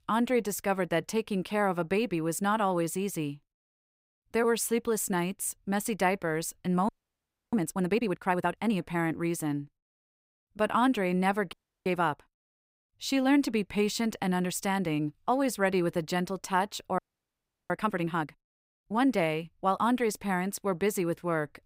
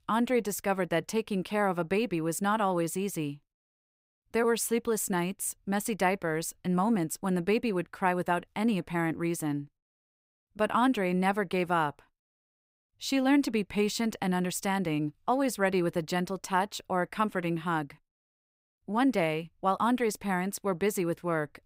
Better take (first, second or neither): second